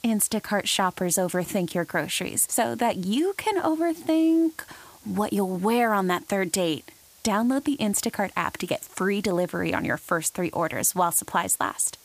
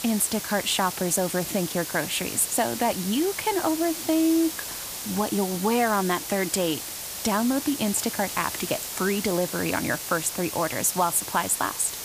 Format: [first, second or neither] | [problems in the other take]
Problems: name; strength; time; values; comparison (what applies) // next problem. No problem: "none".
first | hiss; loud; throughout; 6 dB below the speech; faint in the first